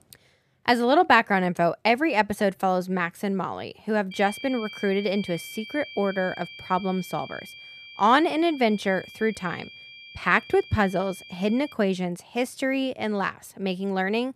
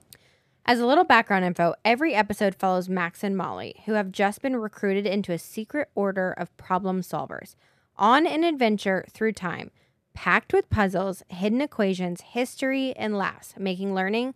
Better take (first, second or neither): second